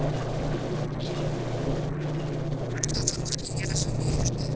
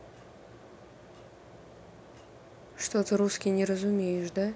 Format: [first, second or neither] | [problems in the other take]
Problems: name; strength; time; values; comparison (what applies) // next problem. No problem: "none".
second | noise reduction (neural separator model SepFormer DNS4)